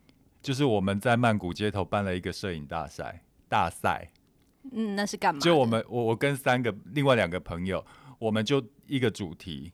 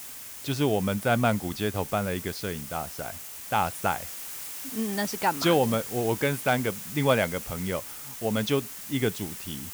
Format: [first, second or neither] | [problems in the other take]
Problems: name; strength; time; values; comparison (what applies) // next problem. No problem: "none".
first | hiss; loud; throughout; 9 dB below the speech